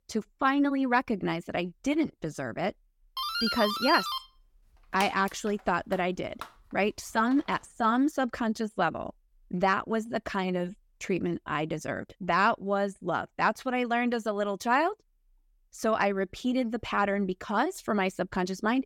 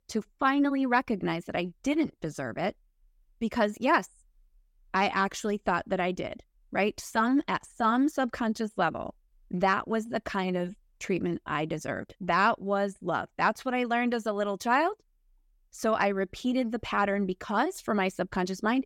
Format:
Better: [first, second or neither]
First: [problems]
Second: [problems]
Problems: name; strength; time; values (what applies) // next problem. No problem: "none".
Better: second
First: doorbell; noticeable; from 3 to 7.5 s; peak level with the speech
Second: none